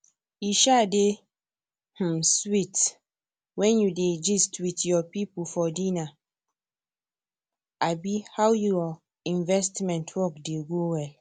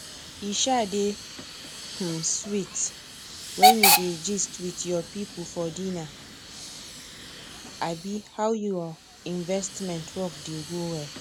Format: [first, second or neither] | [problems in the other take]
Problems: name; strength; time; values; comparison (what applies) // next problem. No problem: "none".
first | background sound (Hiss / Alarm / Train); 1 dB above the speech